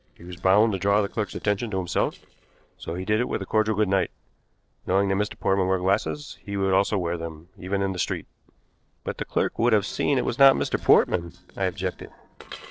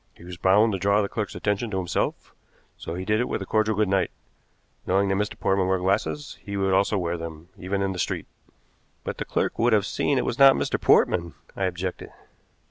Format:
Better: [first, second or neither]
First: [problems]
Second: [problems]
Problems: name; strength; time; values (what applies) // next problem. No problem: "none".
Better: second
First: noise reduction (neural separator model SepFormer DNS4)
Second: none